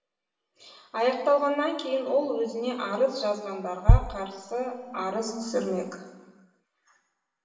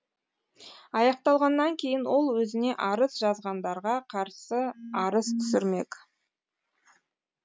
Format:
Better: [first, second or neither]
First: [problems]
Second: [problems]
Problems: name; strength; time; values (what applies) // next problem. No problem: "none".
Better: second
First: background sound (Bass drum); 4 dB above the speech // room echo; dies away in 1.4 s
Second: none